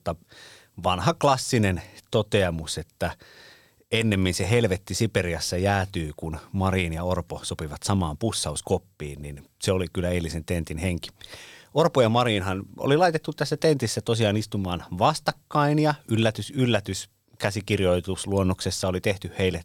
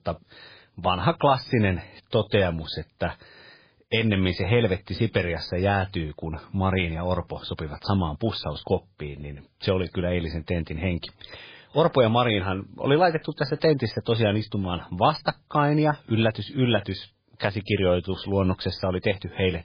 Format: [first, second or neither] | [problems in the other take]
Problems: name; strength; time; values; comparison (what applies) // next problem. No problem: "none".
first | garbled, watery; badly; nothing above 5 kHz